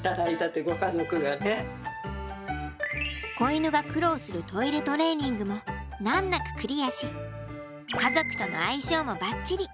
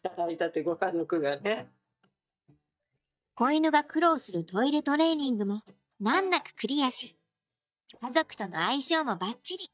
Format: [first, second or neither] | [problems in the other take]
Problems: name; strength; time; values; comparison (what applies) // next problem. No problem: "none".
first | noise reduction (neural mask model DeepFilterNet 3)